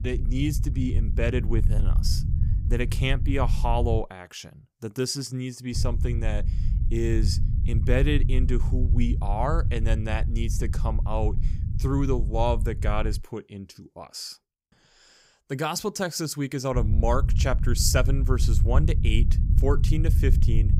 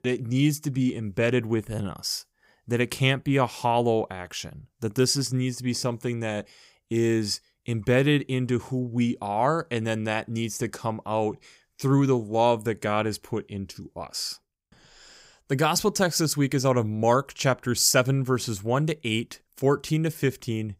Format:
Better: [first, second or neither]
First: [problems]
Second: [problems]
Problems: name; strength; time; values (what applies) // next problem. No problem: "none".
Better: second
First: low rumble; noticeable; until 4 s, from 5.5 to 13 s and from 17 s on; 10 dB below the speech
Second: none